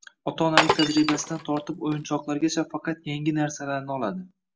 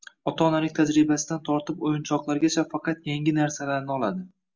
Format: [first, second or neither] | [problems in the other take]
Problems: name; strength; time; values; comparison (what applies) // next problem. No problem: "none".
second | background sound (Glass); 1 dB below the speech